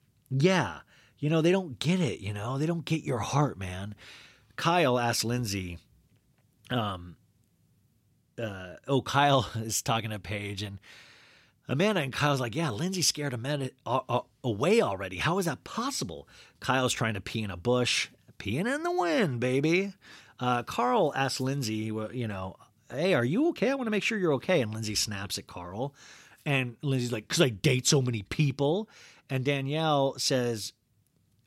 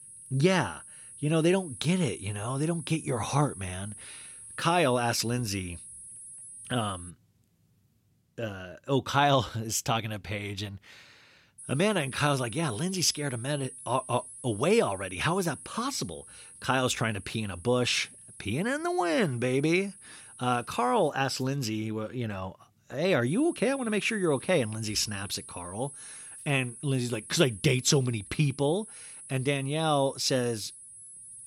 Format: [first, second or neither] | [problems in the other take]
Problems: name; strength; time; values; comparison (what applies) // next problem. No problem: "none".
first | high-pitched whine; noticeable; until 7 s, from 12 to 21 s and from 23 s on; 10.5 kHz, 15 dB below the speech